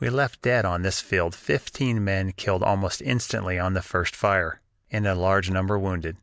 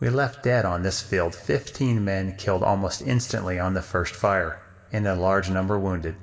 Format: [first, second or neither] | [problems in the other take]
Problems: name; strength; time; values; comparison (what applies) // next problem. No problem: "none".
first | room echo; dies away in 2.3 s